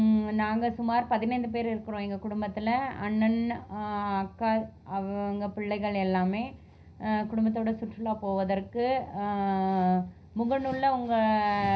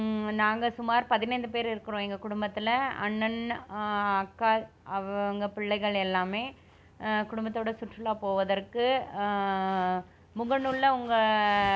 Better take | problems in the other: second | room echo; dies away in 0.5 s

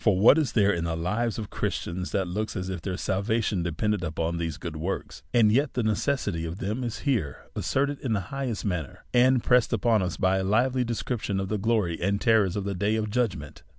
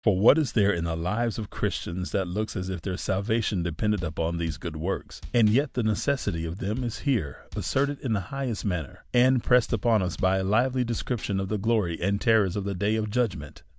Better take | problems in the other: first | noise reduction (neural mask model DeepFilterNet 3)

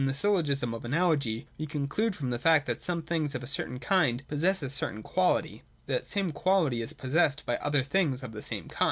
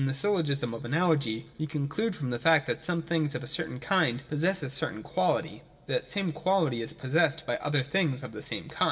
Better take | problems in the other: first | room echo; dies away in 2.4 s

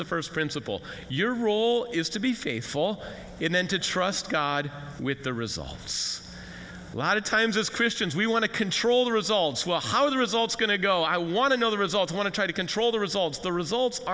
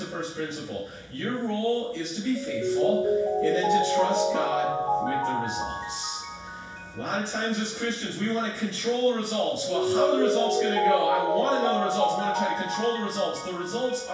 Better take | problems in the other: first | background sound (Mallet percussion); 1 dB above the speech // room echo; dies away in 0.7 s

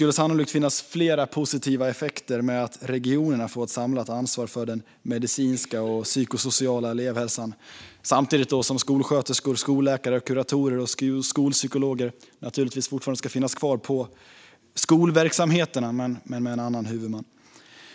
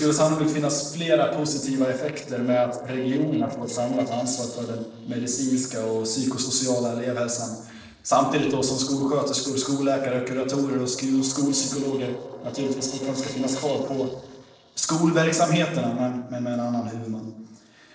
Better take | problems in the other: first | noise reduction (neural separator model SepFormer DNS4)

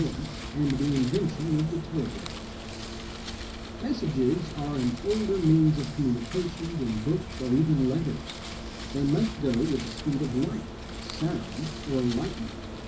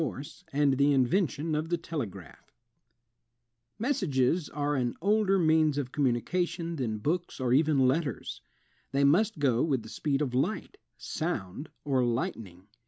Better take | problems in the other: second | background sound (Wind); 9 dB below the speech // room echo; dies away in 0.4 s

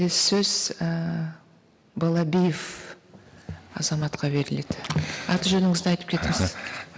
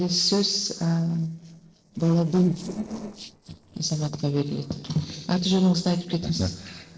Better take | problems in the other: first | noise reduction (neural separator model SepFormer DNS4)

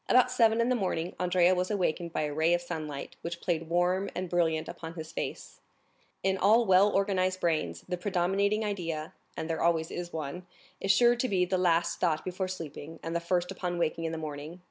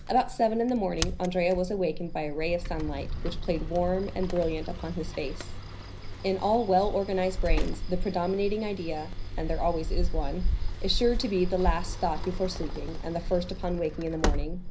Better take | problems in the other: first | background sound (Sliding door); 1 dB below the speech // room echo; dies away in 0.5 s

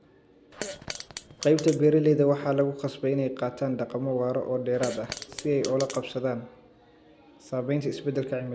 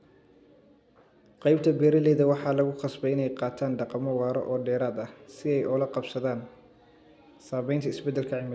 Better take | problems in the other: second | background sound (Fart); 12 dB below the speech

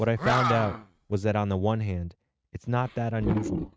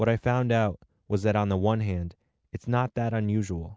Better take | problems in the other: second | noise reduction (neural mask model RNNoise)

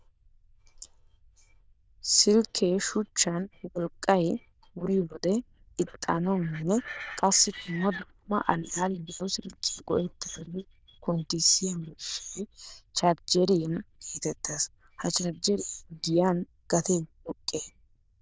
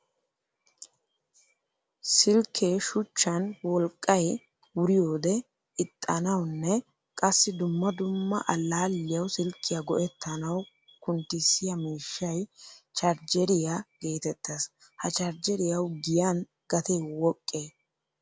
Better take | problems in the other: second | noise reduction (neural diffusion model UNIVERSE++)

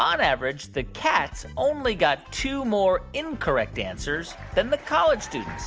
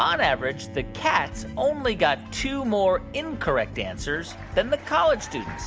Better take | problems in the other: first | background sound (Bowed string instrument + Piano); 16 dB below the speech

